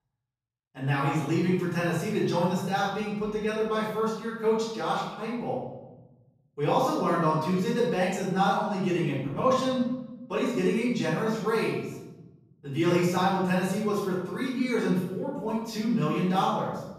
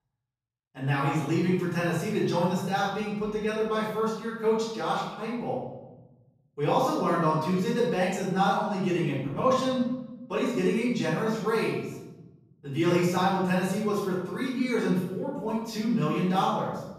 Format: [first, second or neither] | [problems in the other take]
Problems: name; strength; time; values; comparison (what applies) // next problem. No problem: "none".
neither | off-mic speech; far; the same in both // room echo; noticeable; dies away in 1.2 s; the same in both